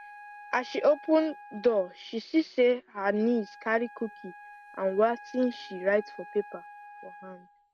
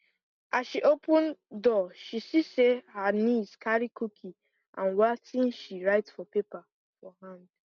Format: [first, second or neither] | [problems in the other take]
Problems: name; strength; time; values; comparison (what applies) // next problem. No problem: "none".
second | background sound (Wind instrument, woodwind instrument); 19 dB below the speech